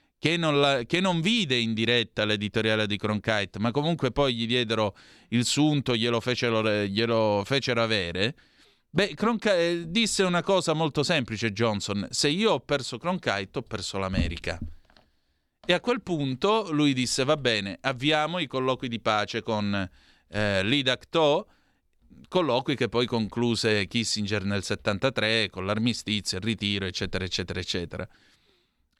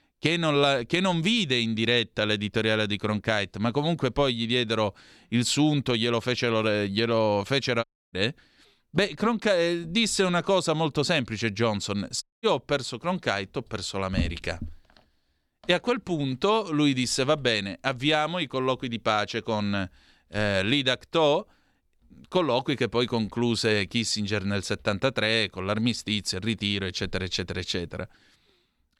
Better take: first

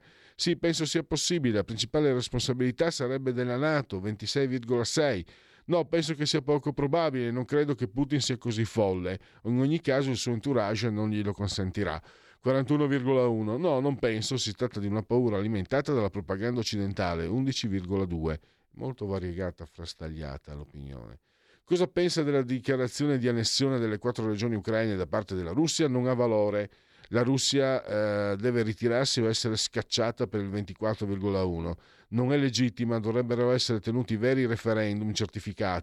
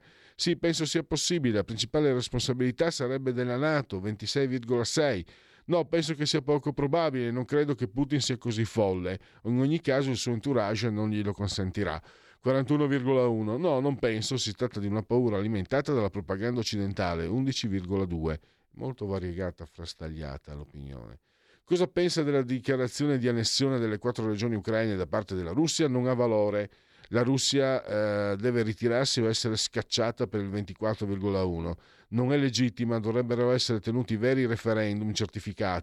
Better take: neither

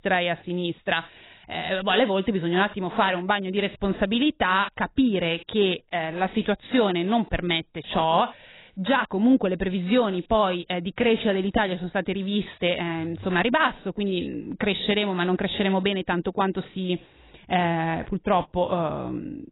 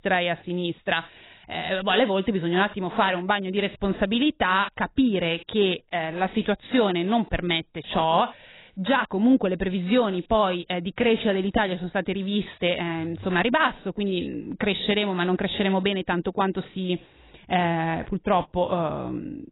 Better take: neither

